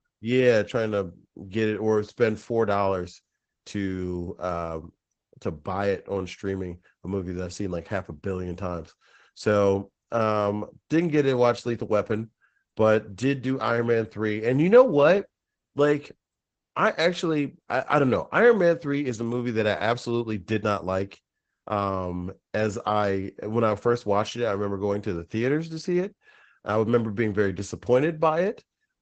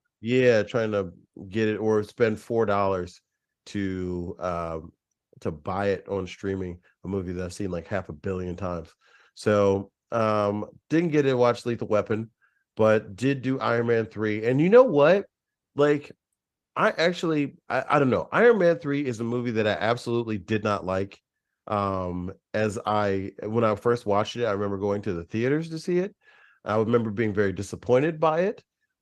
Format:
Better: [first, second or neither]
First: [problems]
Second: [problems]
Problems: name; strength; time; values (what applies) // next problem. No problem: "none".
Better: second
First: garbled, watery; badly; nothing above 8 kHz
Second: garbled, watery; slightly; nothing above 14.5 kHz